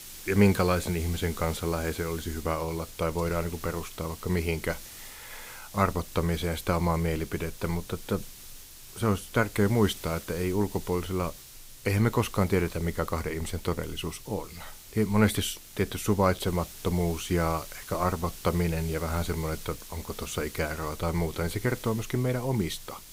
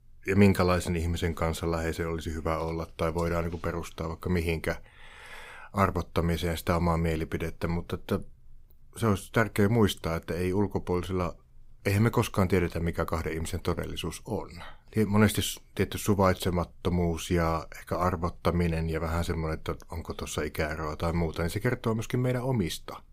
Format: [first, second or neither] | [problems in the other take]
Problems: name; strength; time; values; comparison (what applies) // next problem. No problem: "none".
second | hiss; noticeable; throughout; 15 dB below the speech